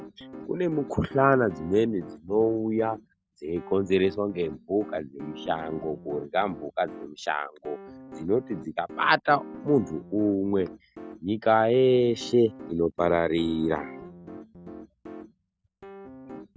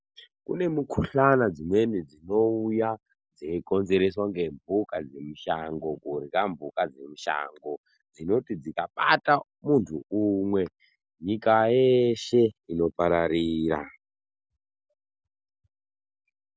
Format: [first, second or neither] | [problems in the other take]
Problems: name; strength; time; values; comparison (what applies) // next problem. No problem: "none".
second | background sound (Piano); 16 dB below the speech